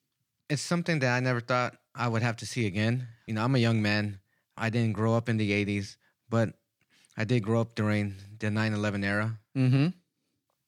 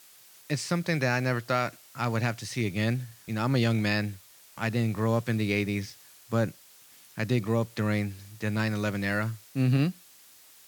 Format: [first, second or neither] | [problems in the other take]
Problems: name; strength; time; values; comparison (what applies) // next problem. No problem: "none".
first | hiss; faint; throughout; 20 dB below the speech